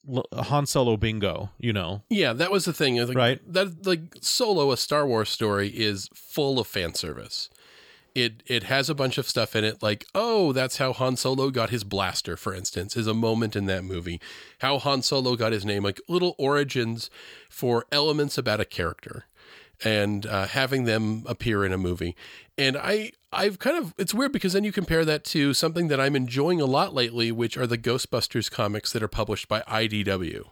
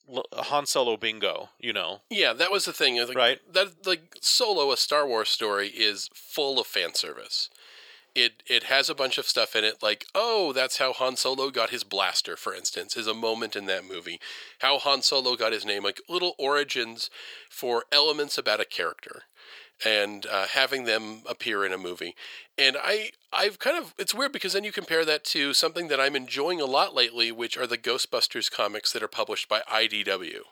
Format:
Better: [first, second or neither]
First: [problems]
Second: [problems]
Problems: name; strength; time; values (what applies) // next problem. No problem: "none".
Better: first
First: none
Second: thin; very; fading below 500 Hz